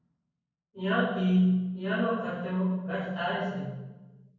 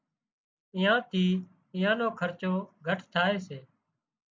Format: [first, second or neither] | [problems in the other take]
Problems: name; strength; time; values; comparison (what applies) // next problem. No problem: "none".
second | room echo; dies away in 1.3 s